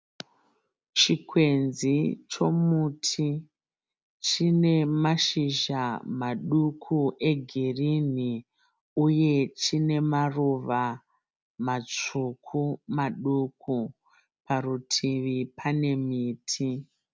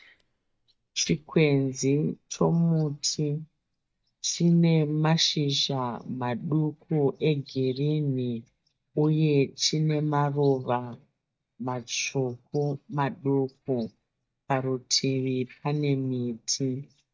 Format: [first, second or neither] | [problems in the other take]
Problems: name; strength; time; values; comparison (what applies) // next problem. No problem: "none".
first | noise reduction (neural mask model DeepFilterNet 3)